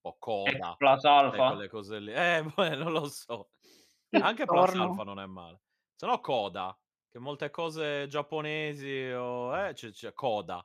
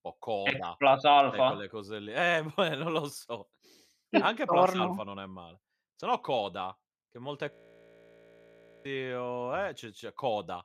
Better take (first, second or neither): first